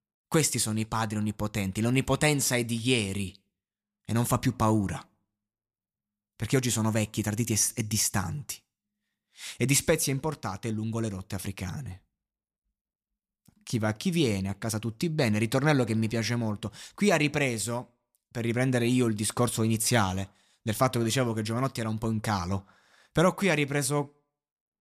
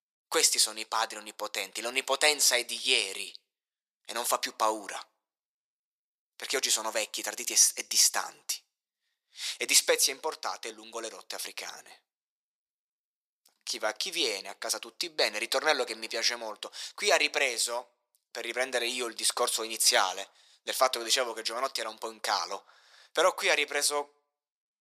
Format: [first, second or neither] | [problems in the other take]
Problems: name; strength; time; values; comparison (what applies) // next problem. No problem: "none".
first | thin; very; fading below 450 Hz